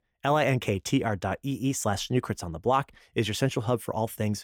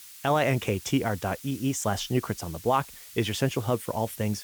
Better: first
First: none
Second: hiss; noticeable; throughout; 15 dB below the speech

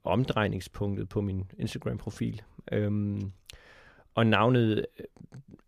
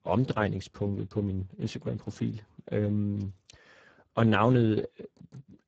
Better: first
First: none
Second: garbled, watery; badly; nothing above 7.5 kHz

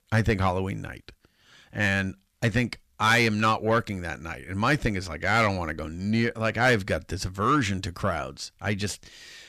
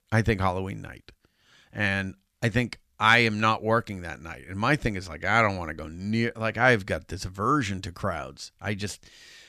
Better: second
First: distortion; slight; 10 dB below the speech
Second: none

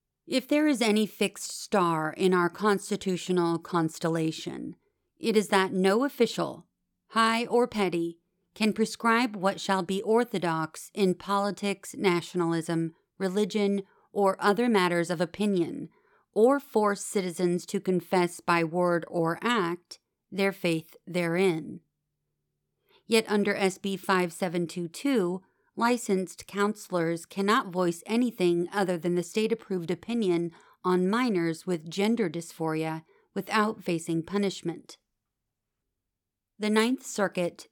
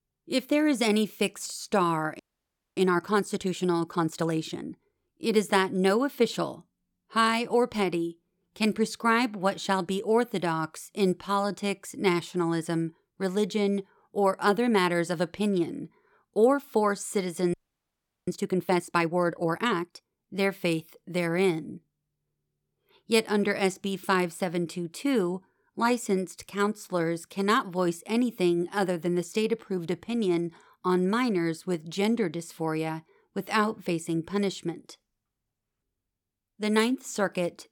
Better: first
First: none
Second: audio freezing; at 2 s for 0.5 s and at 18 s for 0.5 s

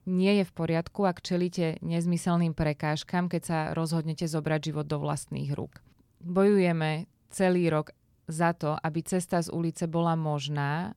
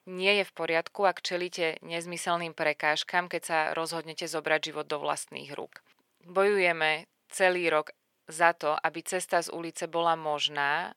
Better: first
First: none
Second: thin; very; fading below 550 Hz

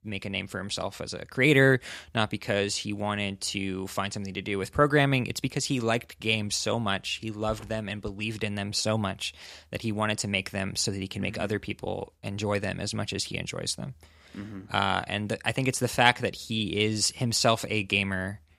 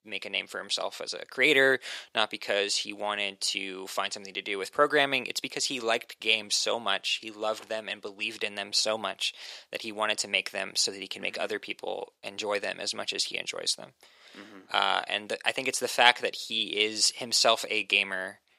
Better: first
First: none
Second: thin; somewhat; fading below 500 Hz

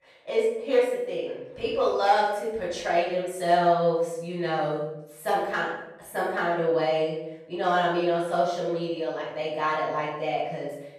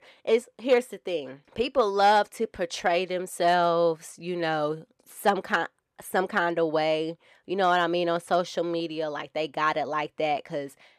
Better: second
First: room echo; noticeable; dies away in 0.7 s // off-mic speech; far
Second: none

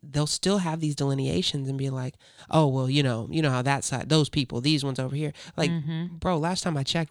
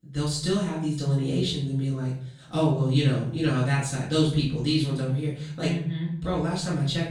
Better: first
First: none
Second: off-mic speech; far // room echo; noticeable; dies away in 0.5 s

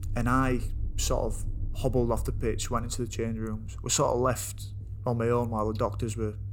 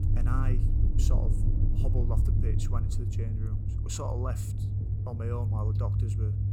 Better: first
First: low rumble; faint; throughout; 25 dB below the speech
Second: low rumble; loud; throughout; 2 dB below the speech

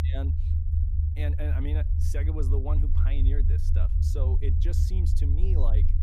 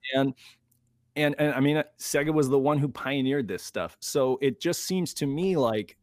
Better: second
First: low rumble; loud; throughout; 2 dB below the speech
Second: none

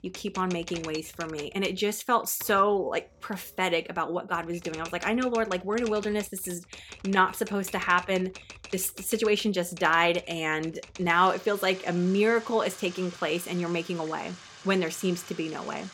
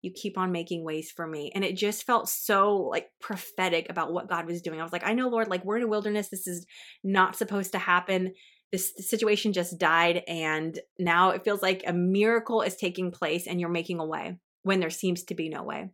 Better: second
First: household noises; noticeable; throughout; 15 dB below the speech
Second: none

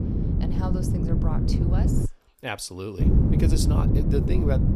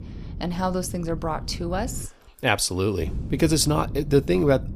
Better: second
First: wind noise on the microphone; heavy; until 2 s and from 3 s on; 1 dB above the speech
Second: wind noise on the microphone; occasional gusts; until 2 s and from 3 s on; 20 dB below the speech

